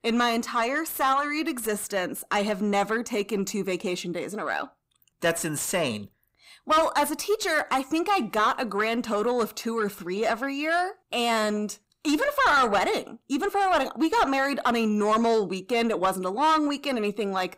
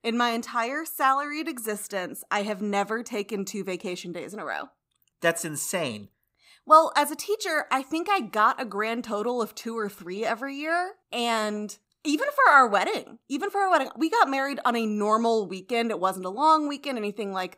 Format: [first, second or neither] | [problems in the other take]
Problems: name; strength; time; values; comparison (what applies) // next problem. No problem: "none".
second | distortion; heavy; 7 dB below the speech